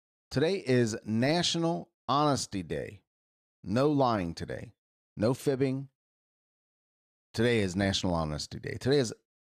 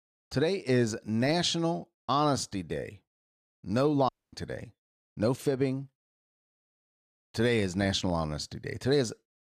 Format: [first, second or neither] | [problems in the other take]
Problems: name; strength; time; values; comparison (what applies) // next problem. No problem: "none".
first | audio cutting out; at 4 s